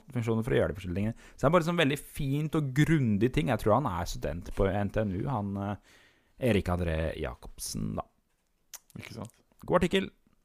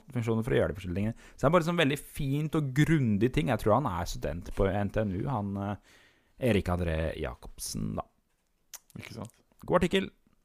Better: neither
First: none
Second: none

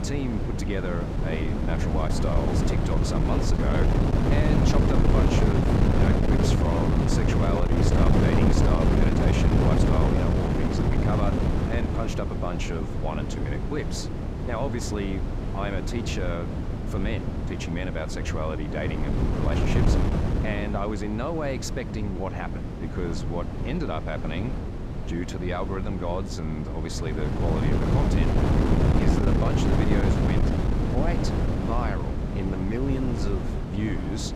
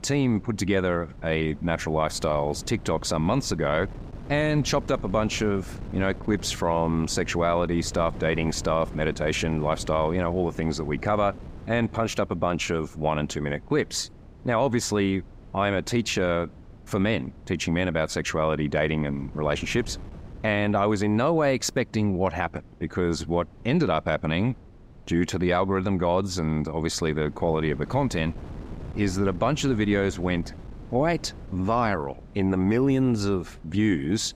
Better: second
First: wind noise on the microphone; heavy; 1 dB above the speech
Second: wind noise on the microphone; occasional gusts; 25 dB below the speech

